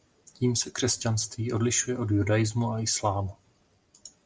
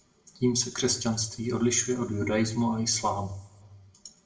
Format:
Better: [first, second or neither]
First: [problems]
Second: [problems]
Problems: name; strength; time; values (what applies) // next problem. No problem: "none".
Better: first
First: none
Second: room echo; dies away in 0.6 s